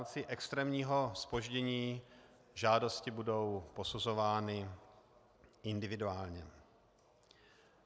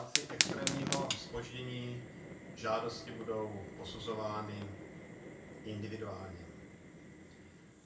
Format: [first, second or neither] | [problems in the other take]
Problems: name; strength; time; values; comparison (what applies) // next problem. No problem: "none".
first | background sound (Fire); as loud as the speech // room echo; dies away in 0.3 s